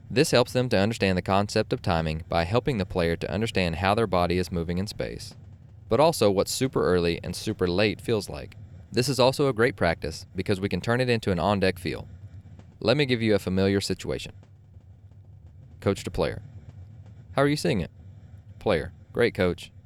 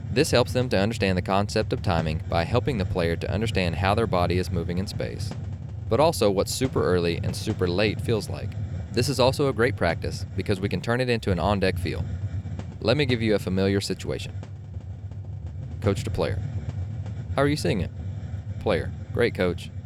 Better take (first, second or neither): first